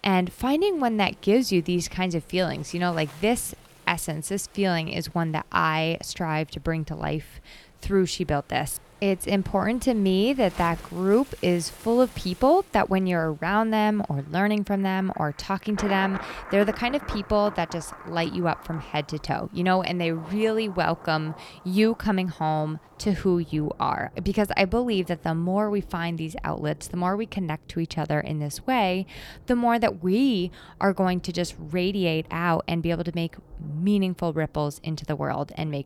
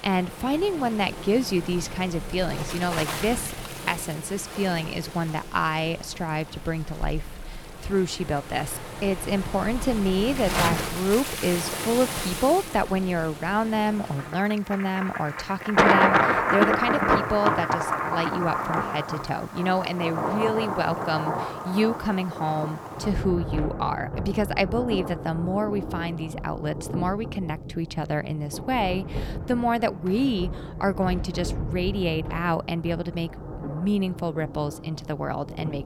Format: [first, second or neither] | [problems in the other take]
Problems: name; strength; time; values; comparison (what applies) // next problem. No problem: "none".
first | rain or running water; loud; throughout; 2 dB below the speech; faint in the first